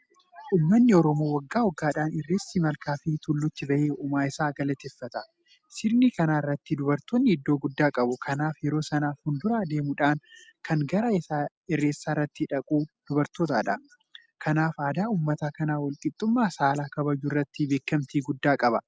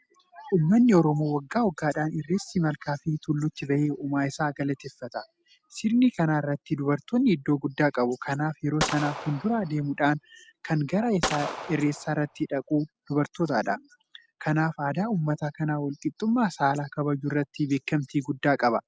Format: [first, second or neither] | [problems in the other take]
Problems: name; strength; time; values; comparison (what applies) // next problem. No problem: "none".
first | background sound (Gunshot, gunfire); 9 dB below the speech